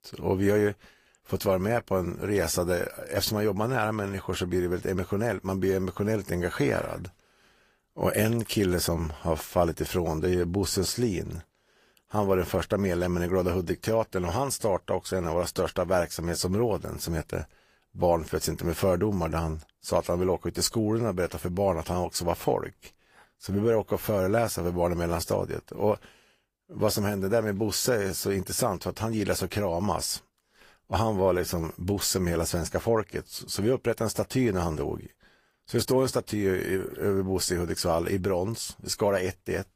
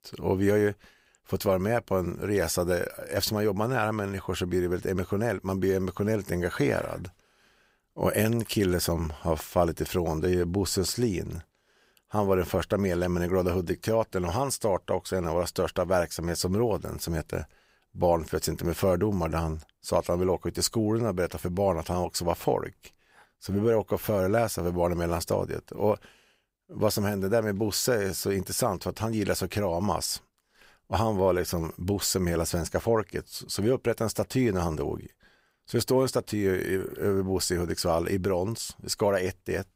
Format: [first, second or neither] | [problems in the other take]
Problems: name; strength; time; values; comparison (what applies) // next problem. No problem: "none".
second | garbled, watery; slightly; nothing above 15.5 kHz